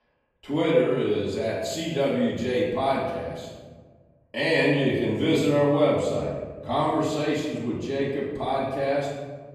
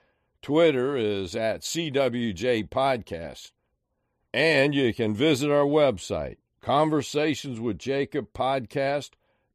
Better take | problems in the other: second | off-mic speech; far // room echo; noticeable; dies away in 1.2 s

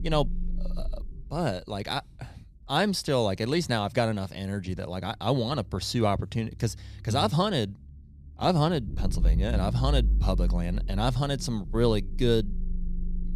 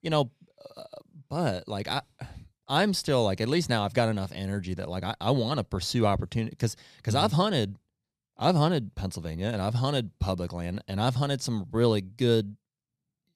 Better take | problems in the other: second | low rumble; noticeable; throughout; 20 dB below the speech

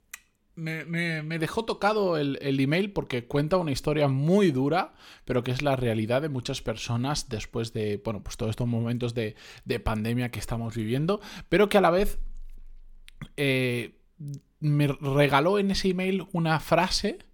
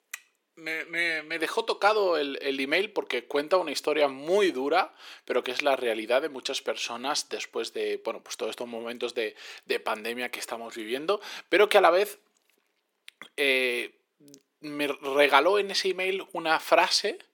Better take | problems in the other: first | thin; very; fading below 350 Hz

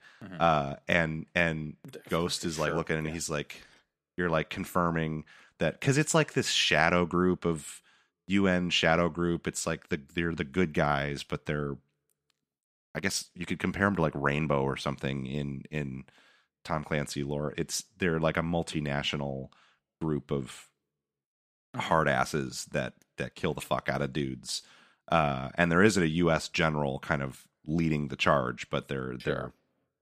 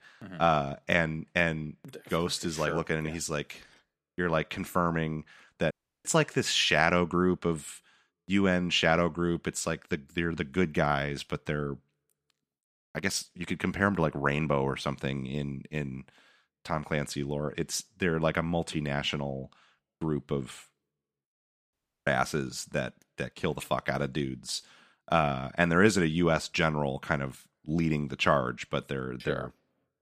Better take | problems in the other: first | audio cutting out; at 5.5 s and at 22 s

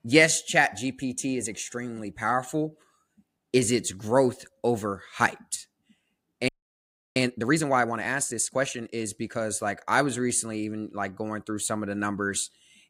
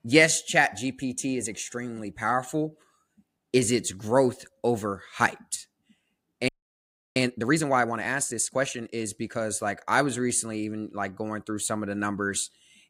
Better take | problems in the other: neither | audio freezing; at 6.5 s for 0.5 s; the same in both

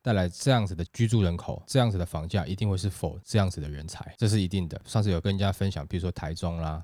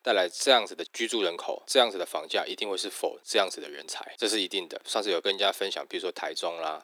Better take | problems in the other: first | thin; very; fading below 350 Hz

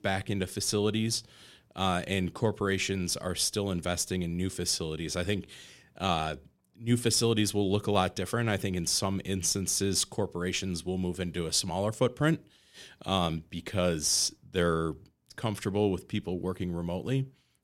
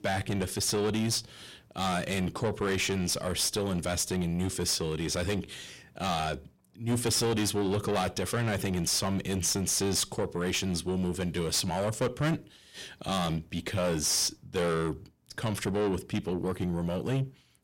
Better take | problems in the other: first | distortion; heavy; 7 dB below the speech

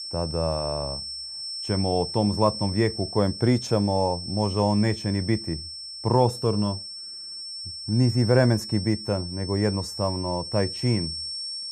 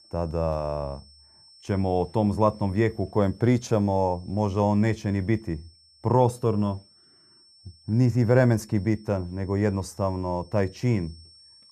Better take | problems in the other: second | high-pitched whine; loud; throughout; 5.5 kHz, 8 dB below the speech; faint in the second

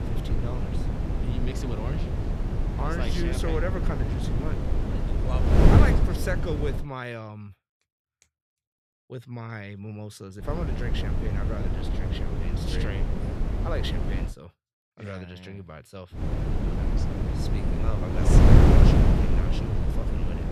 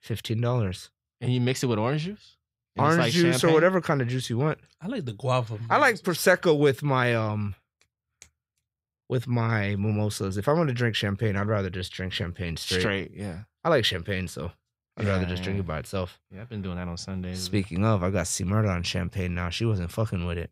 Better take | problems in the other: second | wind noise on the microphone; heavy; until 7 s, from 10 to 14 s and from 16 s on; 3 dB above the speech

